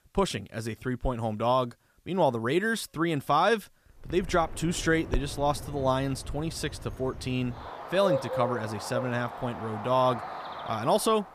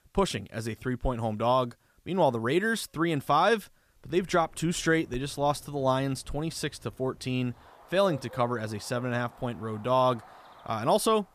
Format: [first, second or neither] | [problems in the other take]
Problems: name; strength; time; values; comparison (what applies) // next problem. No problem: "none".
second | animal sounds; loud; from 4.5 s on; 9 dB below the speech; faint in the second